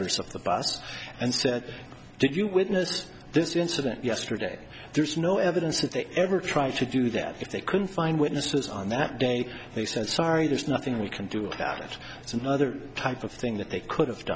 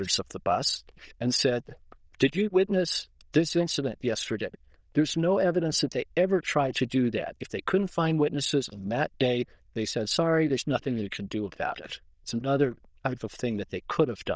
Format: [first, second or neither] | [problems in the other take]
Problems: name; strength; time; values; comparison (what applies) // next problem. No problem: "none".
first | noise reduction (neural diffusion model UNIVERSE++)